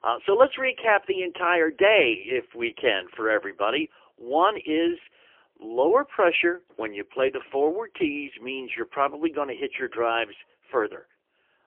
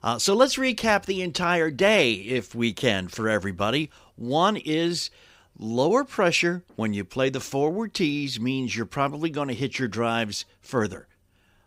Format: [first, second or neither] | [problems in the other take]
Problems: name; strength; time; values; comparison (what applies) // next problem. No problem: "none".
second | phone-call audio; poor line; nothing above 3 kHz